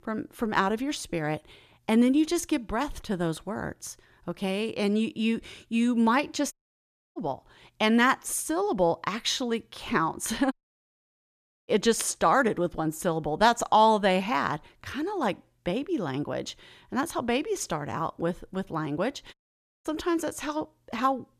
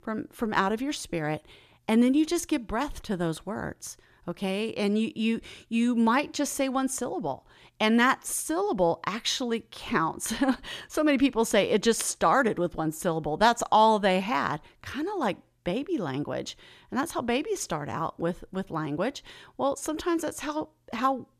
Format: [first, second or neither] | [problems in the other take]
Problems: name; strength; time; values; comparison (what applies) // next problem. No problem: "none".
second | audio cutting out; at 6.5 s for 0.5 s, at 11 s for 1 s and at 19 s for 0.5 s